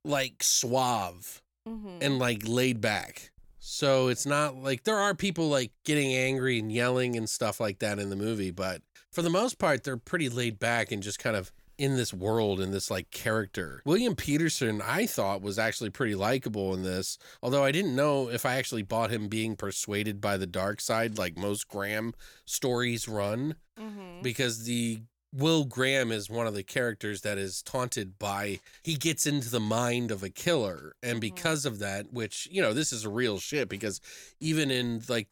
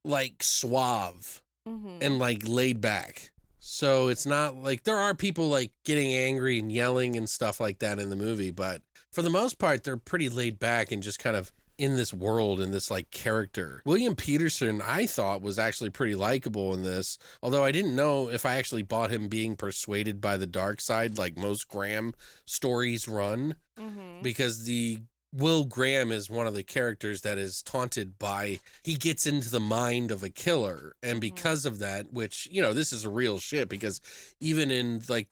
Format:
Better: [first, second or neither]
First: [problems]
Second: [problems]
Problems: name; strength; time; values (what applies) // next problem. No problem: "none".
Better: first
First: none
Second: garbled, watery; slightly; nothing above 19.5 kHz